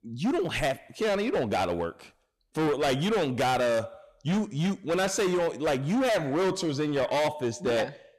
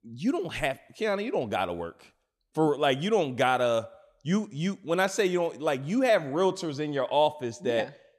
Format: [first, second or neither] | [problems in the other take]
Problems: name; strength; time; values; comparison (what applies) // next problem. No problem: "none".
second | distortion; heavy; 21% of the sound clipped